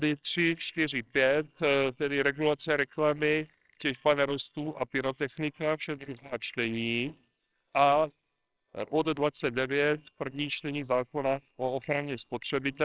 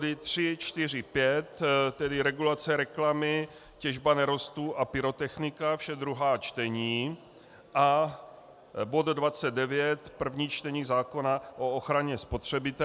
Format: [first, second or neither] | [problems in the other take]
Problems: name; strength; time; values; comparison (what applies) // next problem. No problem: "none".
second | noise reduction (neural separator model SepFormer WHAMR!)